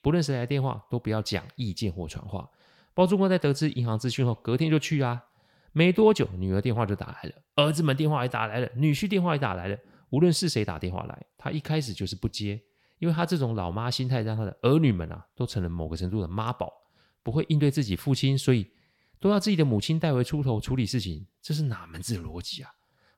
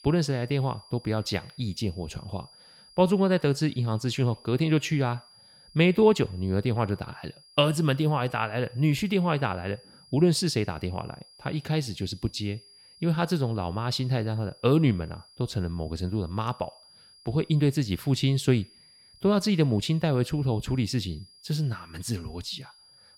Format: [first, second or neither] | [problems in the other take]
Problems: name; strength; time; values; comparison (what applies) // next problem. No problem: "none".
first | high-pitched whine; faint; throughout; 5 kHz, 25 dB below the speech